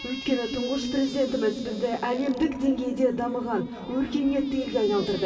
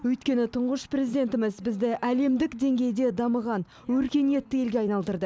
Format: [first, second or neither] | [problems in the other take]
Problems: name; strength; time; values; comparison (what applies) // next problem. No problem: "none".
second | background sound (Squeak); 18 dB below the speech // room echo; dies away in 2.8 s